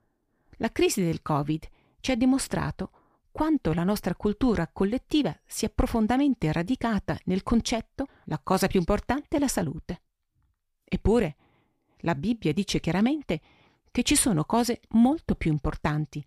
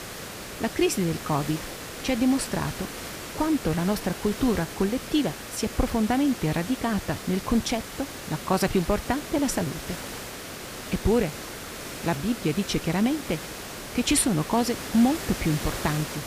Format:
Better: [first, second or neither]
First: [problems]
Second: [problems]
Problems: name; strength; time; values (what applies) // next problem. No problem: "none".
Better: first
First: none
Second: hiss; loud; throughout; 9 dB below the speech